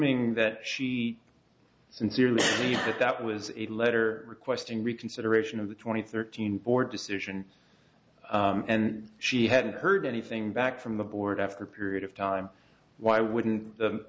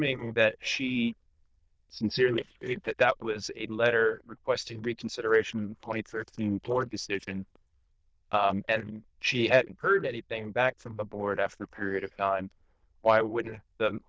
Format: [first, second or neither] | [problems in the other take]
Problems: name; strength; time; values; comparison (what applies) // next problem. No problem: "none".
first | noise reduction (neural diffusion model UNIVERSE++)